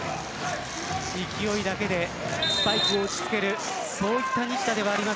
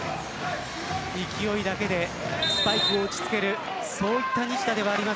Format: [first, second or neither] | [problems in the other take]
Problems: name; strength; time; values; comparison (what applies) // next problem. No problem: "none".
second | background sound (Tearing); 15 dB below the speech